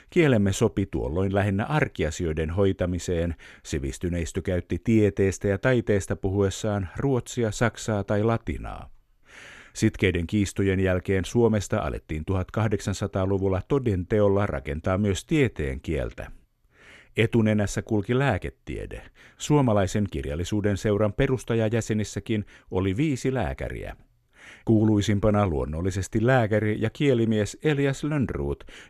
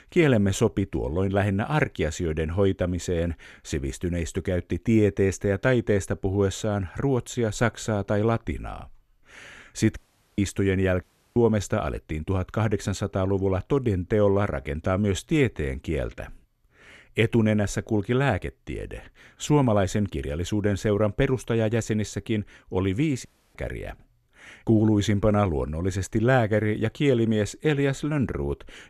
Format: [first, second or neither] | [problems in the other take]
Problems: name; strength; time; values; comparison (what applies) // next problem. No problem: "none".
first | audio cutting out; at 10 s, at 11 s and at 23 s